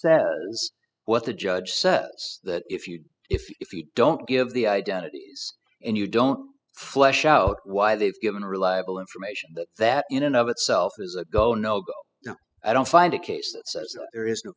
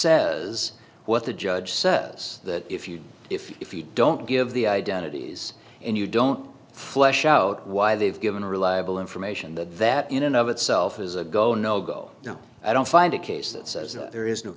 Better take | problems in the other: second | noise reduction (classical method spectral subtraction)

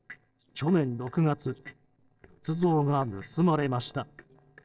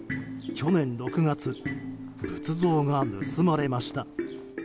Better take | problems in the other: second | noise reduction (neural separator model SepFormer DNS4)

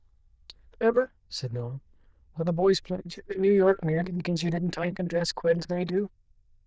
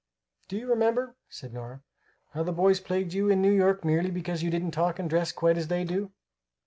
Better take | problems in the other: second | noise reduction (neural diffusion model UNIVERSE++)

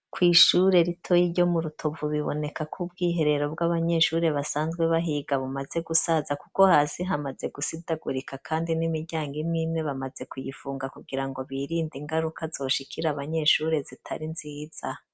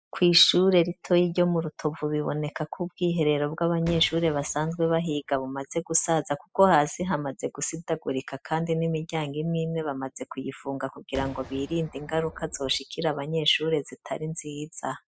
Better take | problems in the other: first | noise reduction (classical method spectral subtraction)

